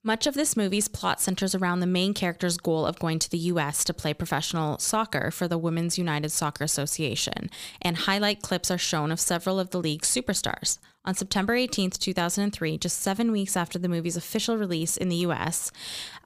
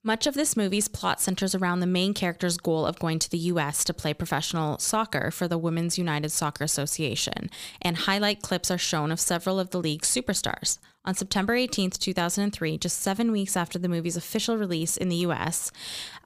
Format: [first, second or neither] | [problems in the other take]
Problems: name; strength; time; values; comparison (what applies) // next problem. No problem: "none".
neither | none